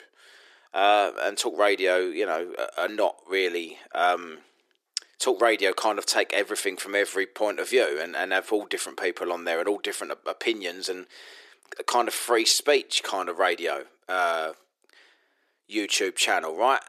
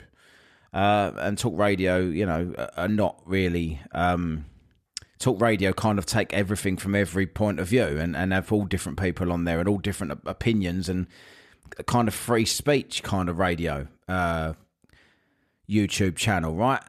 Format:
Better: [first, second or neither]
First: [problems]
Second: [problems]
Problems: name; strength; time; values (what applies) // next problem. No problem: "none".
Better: second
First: thin; very; fading below 350 Hz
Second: none